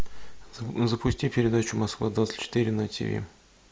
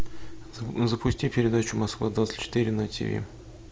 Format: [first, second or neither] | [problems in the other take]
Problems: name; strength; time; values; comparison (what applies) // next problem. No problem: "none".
first | background sound (Engine); 18 dB below the speech